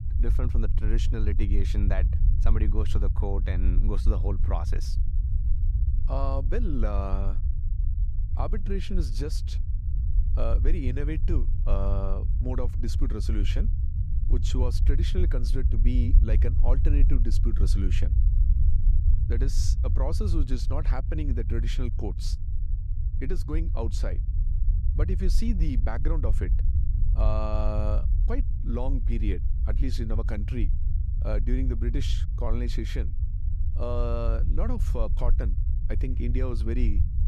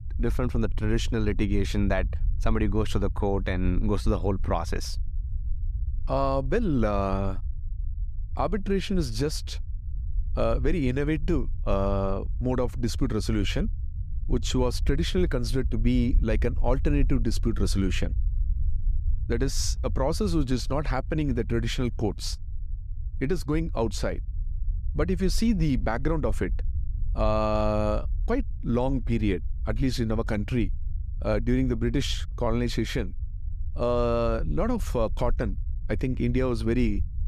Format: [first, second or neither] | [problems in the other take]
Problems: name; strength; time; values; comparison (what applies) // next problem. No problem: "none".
second | low rumble; loud; throughout; 9 dB below the speech; faint in the second